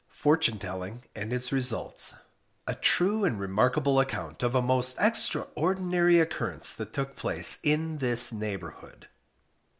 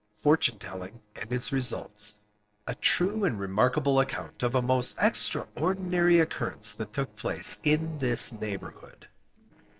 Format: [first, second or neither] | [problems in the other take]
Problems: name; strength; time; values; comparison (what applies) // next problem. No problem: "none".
first | noise reduction (neural separator model SepFormer DNS4)